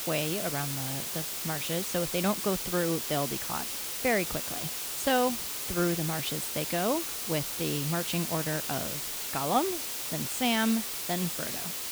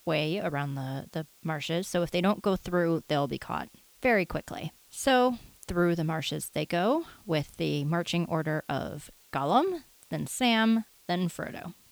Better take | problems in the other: second | hiss; loud; throughout; 1 dB below the speech; faint in the second

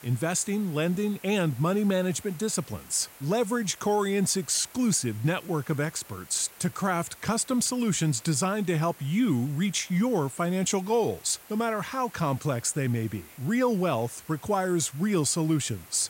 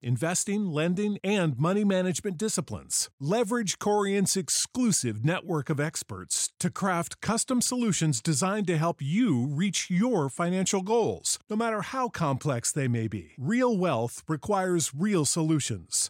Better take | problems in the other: second | hiss; faint; throughout; 20 dB below the speech

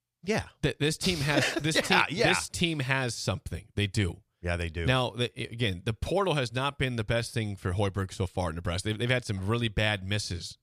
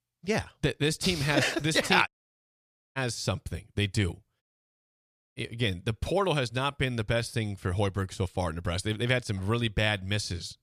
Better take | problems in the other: first | audio cutting out; at 2 s for 1 s and at 4.5 s for 1 s

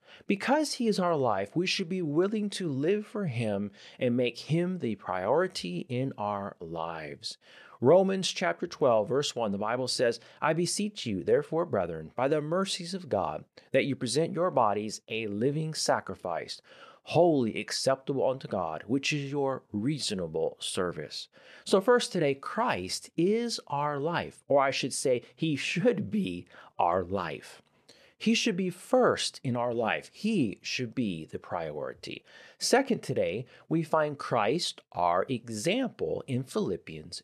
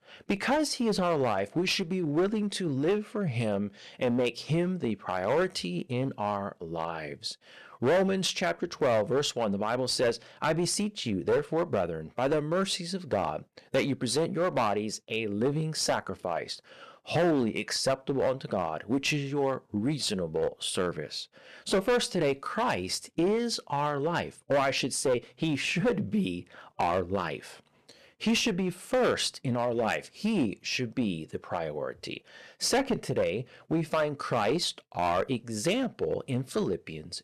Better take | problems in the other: first | distortion; slight; 7% of the sound clipped

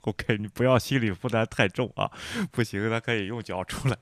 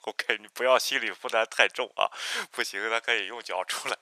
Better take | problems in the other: first | thin; very; fading below 550 Hz

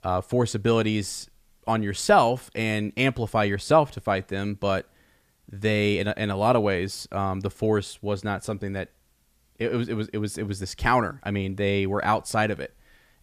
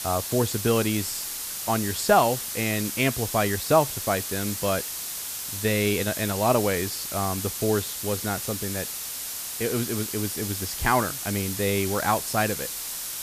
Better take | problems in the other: first | hiss; loud; throughout; 4 dB below the speech

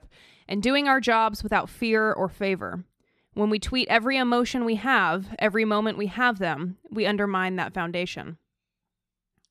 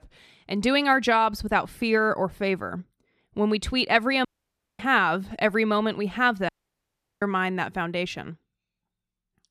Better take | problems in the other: first | audio cutting out; at 4.5 s for 0.5 s and at 6.5 s for 0.5 s

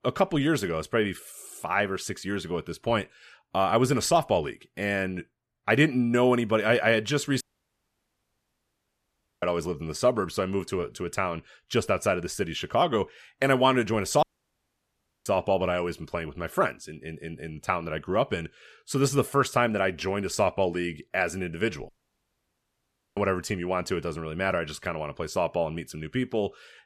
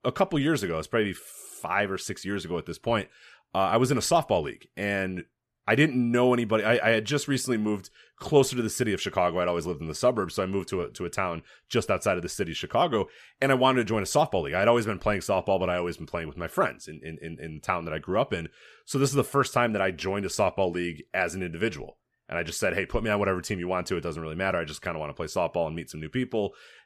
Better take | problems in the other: second | audio cutting out; at 7.5 s for 2 s, at 14 s for 1 s and at 22 s for 1.5 s

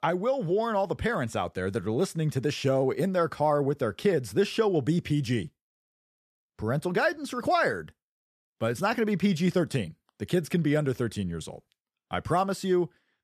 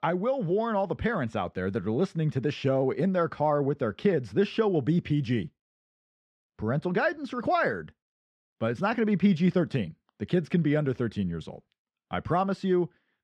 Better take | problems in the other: first | muffled; slightly; fading above 3.5 kHz

